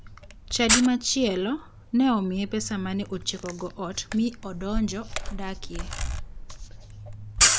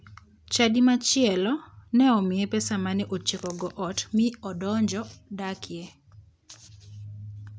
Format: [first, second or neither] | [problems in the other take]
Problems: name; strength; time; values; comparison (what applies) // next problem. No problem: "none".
second | background sound (Camera); 2 dB below the speech